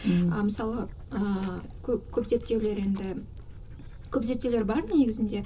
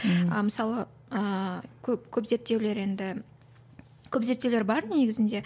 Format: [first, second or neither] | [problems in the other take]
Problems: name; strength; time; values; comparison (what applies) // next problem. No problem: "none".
second | background sound (Dog); 13 dB below the speech // room echo; dies away in 0.2 s